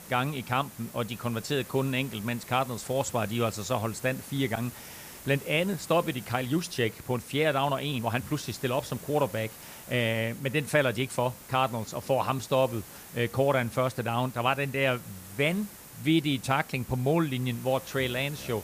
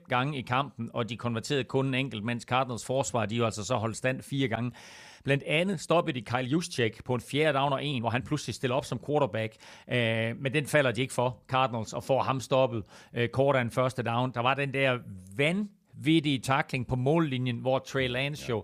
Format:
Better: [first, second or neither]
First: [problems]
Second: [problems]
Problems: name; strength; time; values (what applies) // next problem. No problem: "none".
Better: second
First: hiss; noticeable; throughout; 15 dB below the speech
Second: none